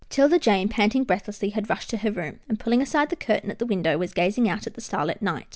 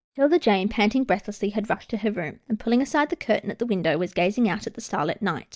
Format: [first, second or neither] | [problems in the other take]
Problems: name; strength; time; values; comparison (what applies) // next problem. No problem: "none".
first | noise reduction (neural mask model DeepFilterNet 3)